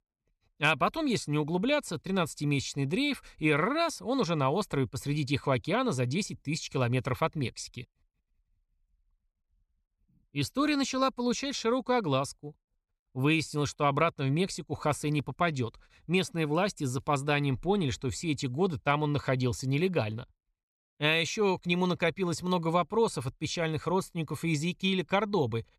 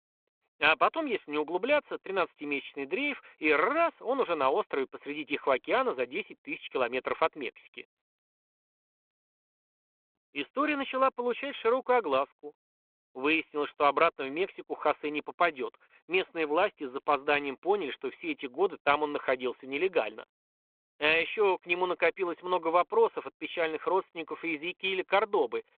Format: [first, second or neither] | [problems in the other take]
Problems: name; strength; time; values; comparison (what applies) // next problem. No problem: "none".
first | phone-call audio